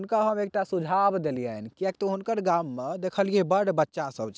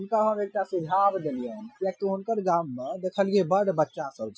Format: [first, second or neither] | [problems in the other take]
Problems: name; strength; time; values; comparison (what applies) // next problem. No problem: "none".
first | noise reduction (classical method Wiener filter)